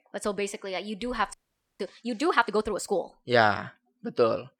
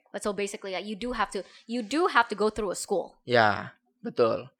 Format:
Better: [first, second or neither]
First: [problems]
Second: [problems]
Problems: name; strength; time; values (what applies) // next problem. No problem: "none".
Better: second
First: audio freezing; at 1.5 s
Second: none